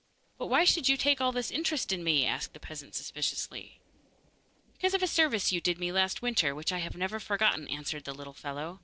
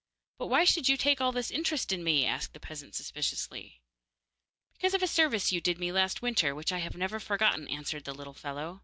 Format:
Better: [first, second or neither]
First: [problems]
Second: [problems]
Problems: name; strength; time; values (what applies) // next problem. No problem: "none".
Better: second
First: noise reduction (neural separator model SepFormer DNS4)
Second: none